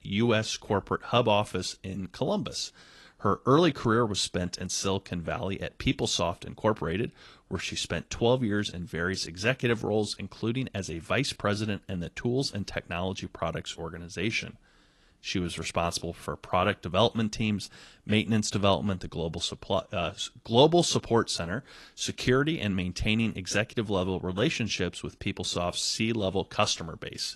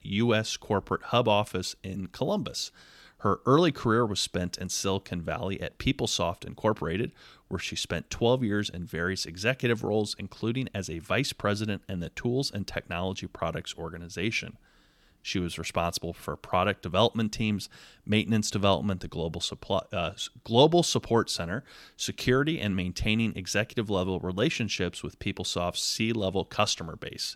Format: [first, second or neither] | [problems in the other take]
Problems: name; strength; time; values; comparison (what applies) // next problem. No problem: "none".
second | garbled, watery; slightly; nothing above 11.5 kHz